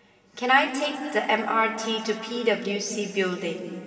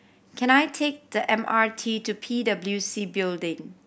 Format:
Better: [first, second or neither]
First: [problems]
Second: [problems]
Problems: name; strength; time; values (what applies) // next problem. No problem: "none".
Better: second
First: room echo; dies away in 2.7 s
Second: none